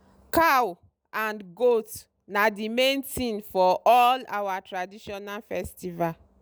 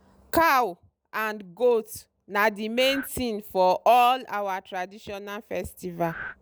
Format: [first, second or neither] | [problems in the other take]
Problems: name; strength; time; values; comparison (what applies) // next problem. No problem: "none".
first | background sound (Breathing); 12 dB below the speech